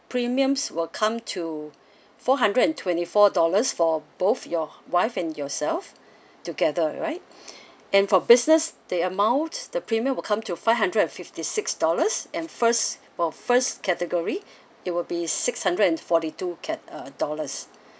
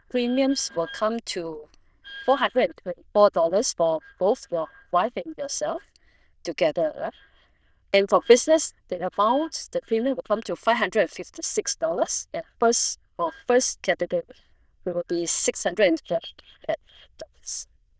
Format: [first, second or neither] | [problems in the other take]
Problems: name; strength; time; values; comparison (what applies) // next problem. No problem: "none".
first | noise reduction (neural diffusion model UNIVERSE++)